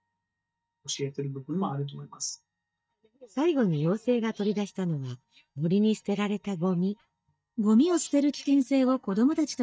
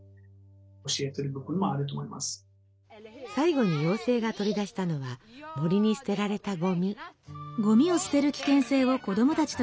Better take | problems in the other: second | noise reduction (neural mask model DeepFilterNet 3)

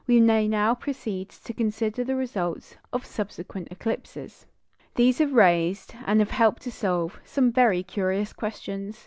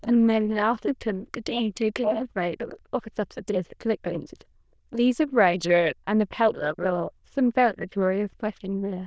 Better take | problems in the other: first | noise reduction (neural diffusion model UNIVERSE++)

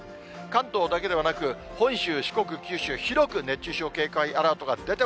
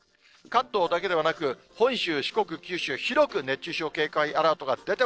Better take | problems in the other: first | noise reduction (neural separator model SepFormer DNS4)

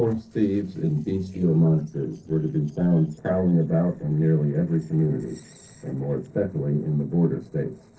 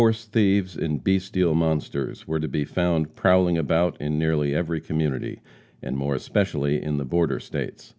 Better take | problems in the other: second | noise reduction (neural separator model SepFormer DNS4)

